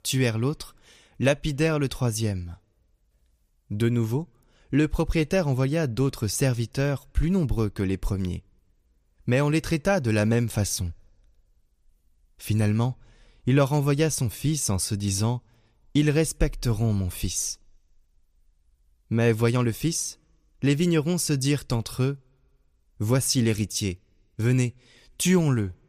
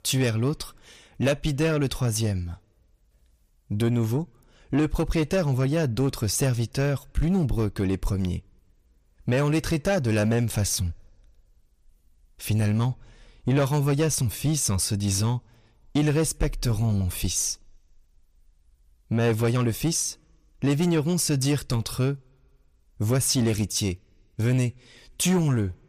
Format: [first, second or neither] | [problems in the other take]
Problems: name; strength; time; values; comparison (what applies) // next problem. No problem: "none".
first | distortion; slight; 10 dB below the speech